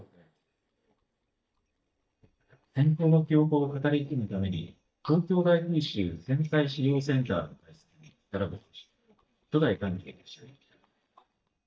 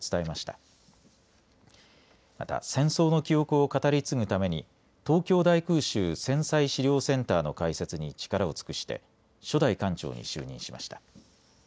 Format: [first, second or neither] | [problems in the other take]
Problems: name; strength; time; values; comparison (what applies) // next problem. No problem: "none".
second | noise reduction (neural mask model DeepFilterNet 3)